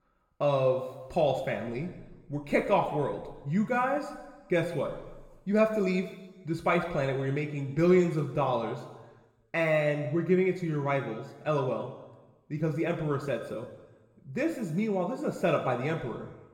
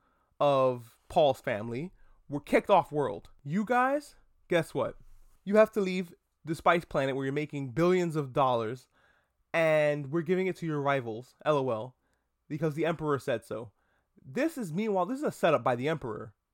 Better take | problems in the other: second | room echo; noticeable; dies away in 1 s // off-mic speech; somewhat distant

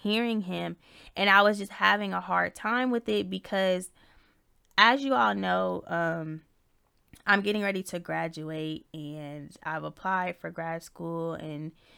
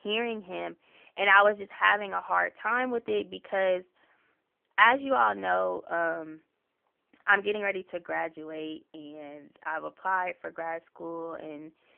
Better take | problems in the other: first | phone-call audio; poor line; nothing above 3 kHz

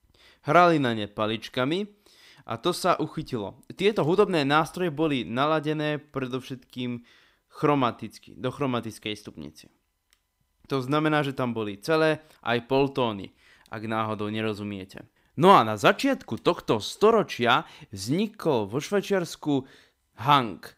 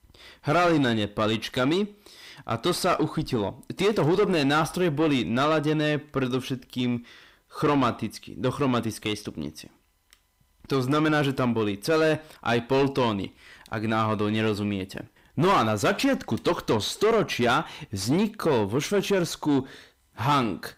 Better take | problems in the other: first | distortion; heavy; 6 dB below the speech

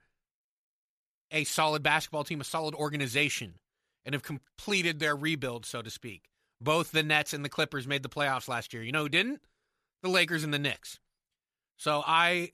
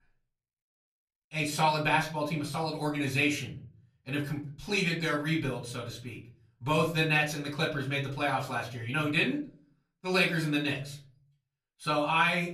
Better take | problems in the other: first | off-mic speech; far // room echo; slight; dies away in 0.5 s

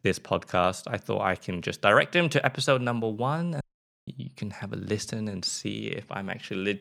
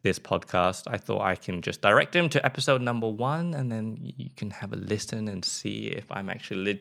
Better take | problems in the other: second | audio cutting out; at 3.5 s

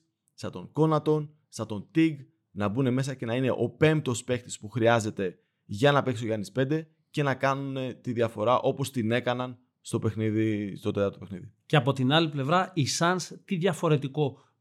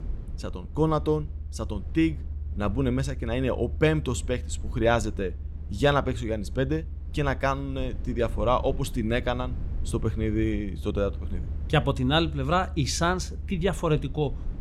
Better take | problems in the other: first | low rumble; faint; throughout; 25 dB below the speech

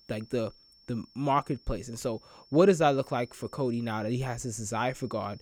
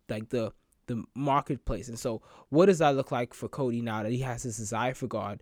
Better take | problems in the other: second | high-pitched whine; faint; throughout; 5.5 kHz, 25 dB below the speech

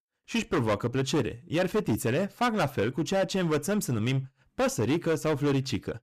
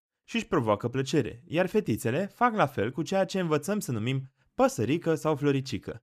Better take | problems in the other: second | distortion; heavy; 12% of the sound clipped

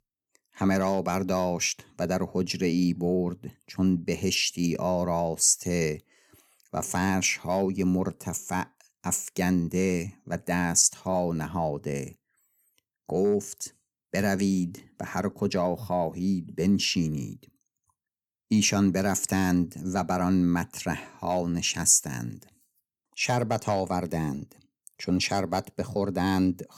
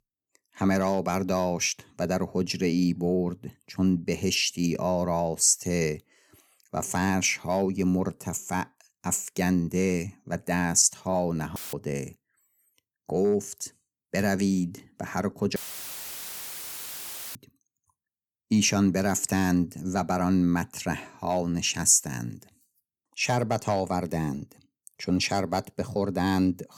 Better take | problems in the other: first | audio cutting out; filled with static; at 12 s and at 16 s for 2 s

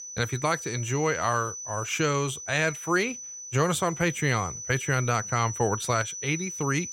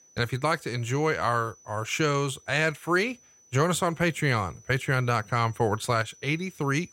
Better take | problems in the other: second | high-pitched whine; loud; throughout; 6 kHz, 8 dB below the speech; faint in the second

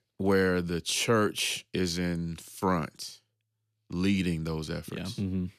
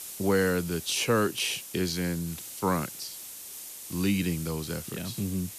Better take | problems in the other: first | hiss; noticeable; throughout; 10 dB below the speech

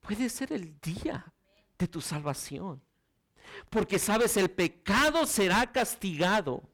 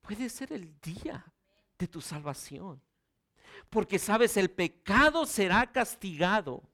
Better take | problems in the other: second | distortion; heavy; 8% of the sound clipped

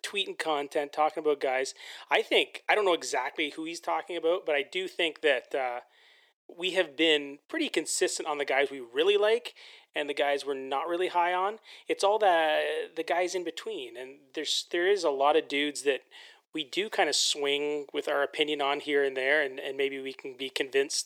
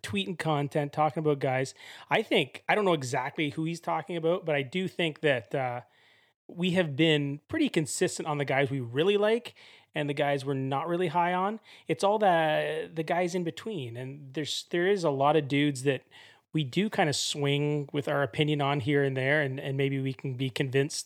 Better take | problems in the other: second | thin; somewhat; fading below 350 Hz

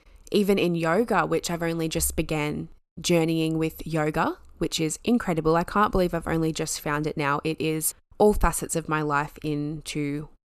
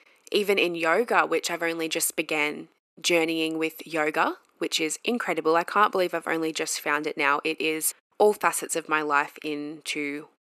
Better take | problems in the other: first | thin; somewhat; fading below 300 Hz

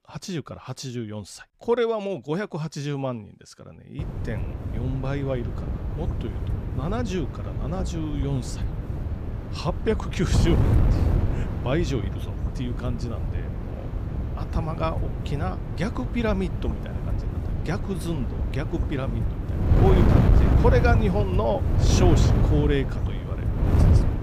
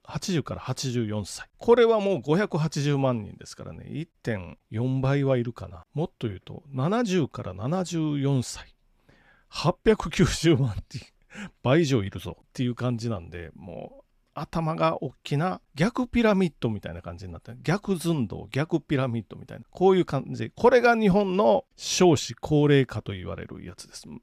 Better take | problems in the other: second | wind noise on the microphone; heavy; from 4 s on; 5 dB below the speech

